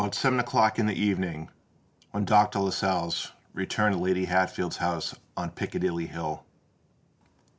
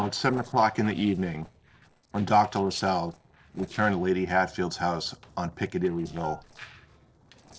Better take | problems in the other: first | noise reduction (neural separator model SepFormer DNS4)

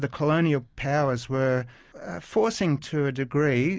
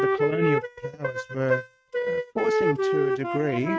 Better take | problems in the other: first | noise reduction (neural mask model RNNoise)

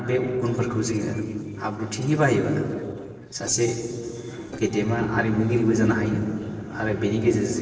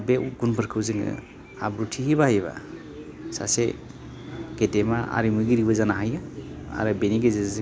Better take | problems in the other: second | noise reduction (neural separator model SepFormer DNS4)

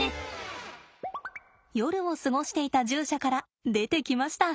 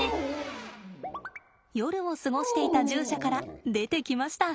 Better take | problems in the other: first | background sound (Dog); 4 dB below the speech

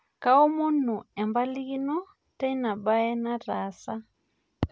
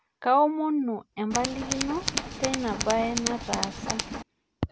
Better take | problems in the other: first | background sound (Tools); 4 dB below the speech

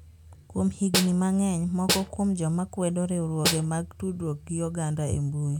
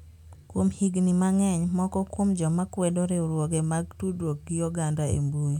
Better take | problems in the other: second | background sound (Snare drum); 4 dB below the speech

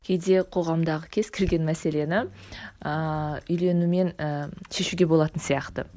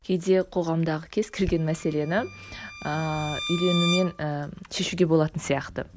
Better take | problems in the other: first | background sound (Bowed string instrument); 10 dB below the speech

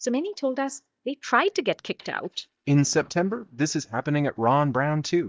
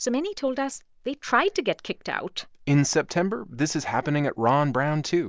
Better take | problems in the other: second | noise reduction (neural mask model DeepFilterNet 3)

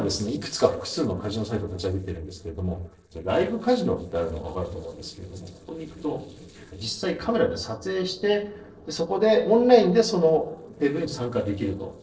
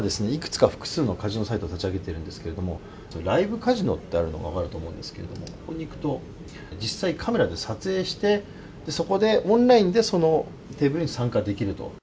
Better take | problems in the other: second | noise reduction (neural separator model SepFormer DNS4)

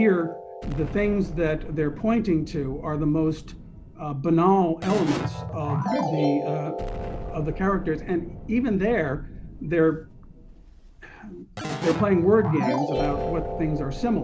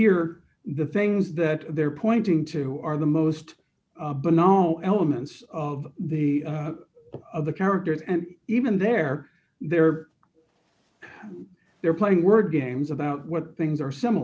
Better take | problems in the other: second | background sound (Explosion + Keyboard (musical)); 7 dB below the speech

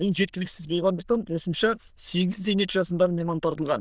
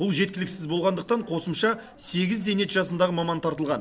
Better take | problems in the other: second | noise reduction (neural diffusion model UNIVERSE++)

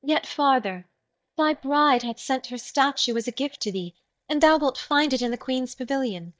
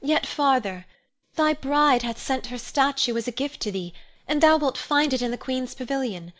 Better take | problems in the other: second | noise reduction (neural mask model DeepFilterNet 3)

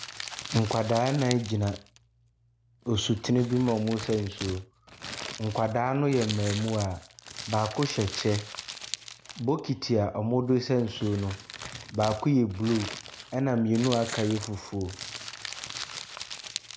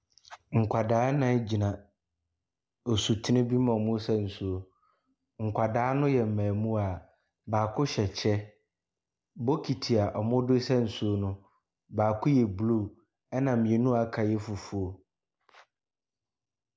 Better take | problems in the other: second | background sound (Crumpling, crinkling); 12 dB below the speech

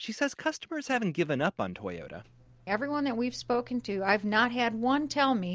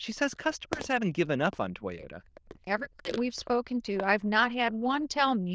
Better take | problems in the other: first | noise reduction (neural diffusion model UNIVERSE++)

